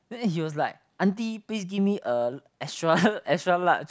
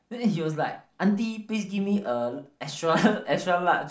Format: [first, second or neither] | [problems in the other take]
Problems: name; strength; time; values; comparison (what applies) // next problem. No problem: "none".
first | room echo; dies away in 0.4 s